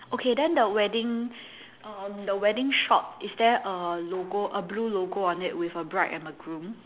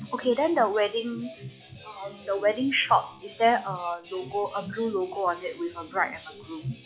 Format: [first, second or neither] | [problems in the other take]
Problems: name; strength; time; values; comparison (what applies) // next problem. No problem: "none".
first | noise reduction (classical method log-MMSE)